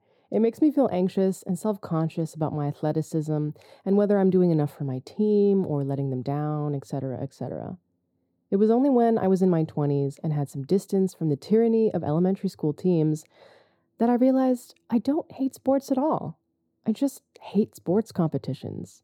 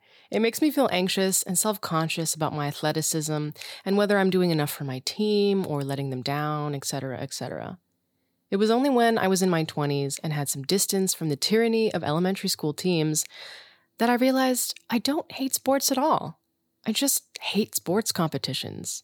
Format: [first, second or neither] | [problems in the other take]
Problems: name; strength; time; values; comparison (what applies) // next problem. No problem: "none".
second | muffled; very; fading above 1 kHz